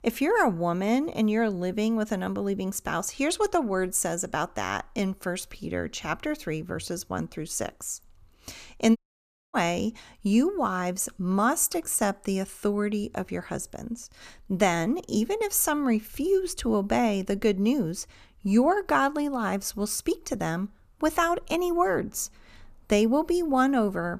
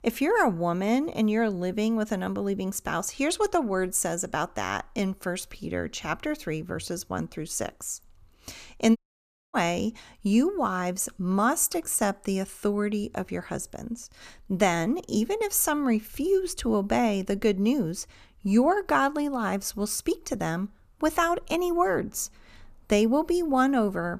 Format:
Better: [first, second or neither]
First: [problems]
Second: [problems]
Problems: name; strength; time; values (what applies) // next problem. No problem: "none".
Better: neither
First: audio cutting out; at 9 s for 0.5 s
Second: audio cutting out; at 9 s for 0.5 s